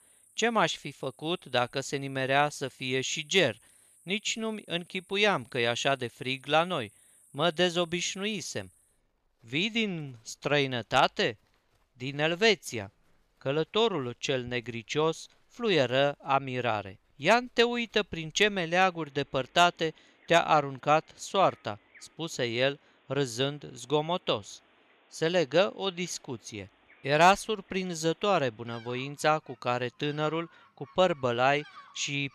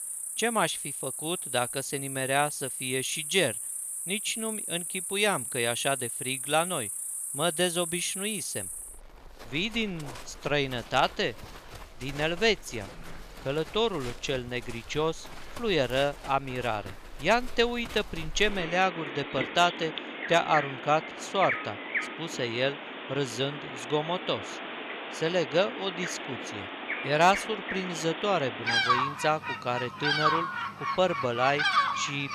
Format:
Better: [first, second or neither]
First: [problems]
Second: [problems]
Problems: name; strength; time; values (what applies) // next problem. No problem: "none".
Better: first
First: animal sounds; faint; throughout; 30 dB below the speech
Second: animal sounds; loud; throughout; 4 dB below the speech